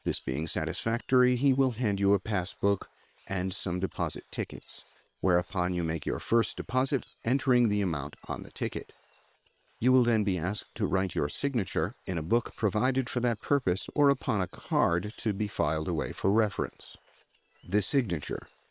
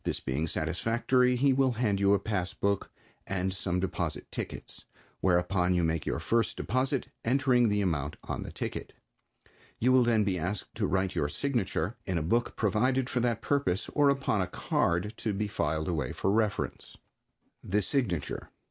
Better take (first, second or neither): second